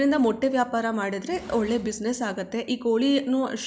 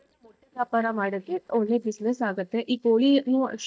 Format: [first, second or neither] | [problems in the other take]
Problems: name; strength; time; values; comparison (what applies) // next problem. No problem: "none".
first | noise reduction (neural mask model DeepFilterNet 3)